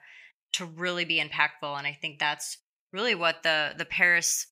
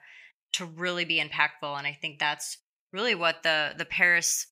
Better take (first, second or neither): neither